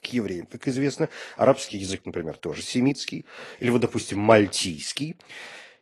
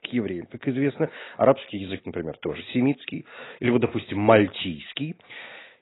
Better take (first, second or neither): first